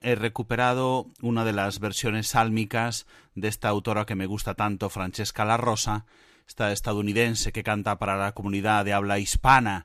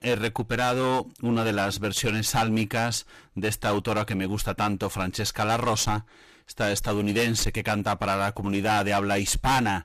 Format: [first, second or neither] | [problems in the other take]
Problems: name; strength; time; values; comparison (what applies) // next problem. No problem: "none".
first | distortion; heavy; 14% of the sound clipped